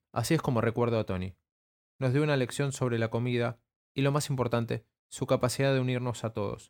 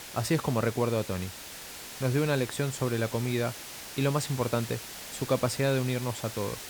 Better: first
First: none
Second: hiss; noticeable; throughout; 10 dB below the speech

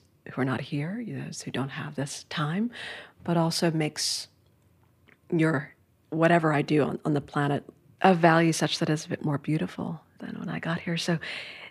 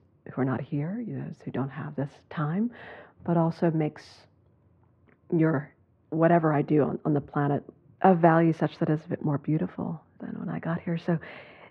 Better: first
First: none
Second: muffled; very; fading above 3.5 kHz

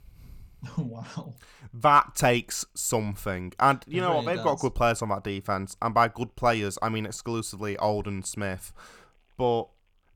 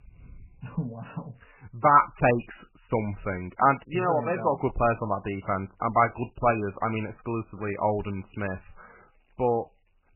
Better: first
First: none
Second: garbled, watery; badly; nothing above 2.5 kHz

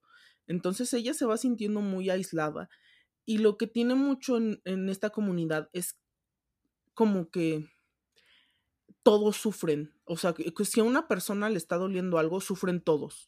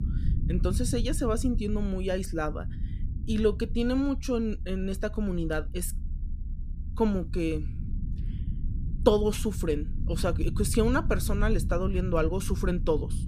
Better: first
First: none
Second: low rumble; noticeable; throughout; 15 dB below the speech

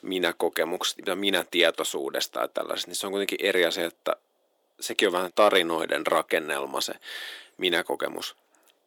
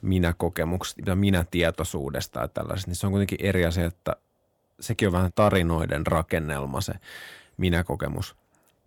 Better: second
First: thin; very; fading below 350 Hz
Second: none

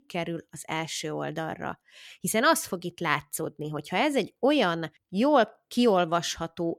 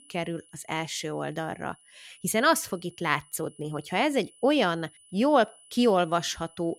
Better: first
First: none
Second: high-pitched whine; faint; throughout; 10 kHz, 25 dB below the speech

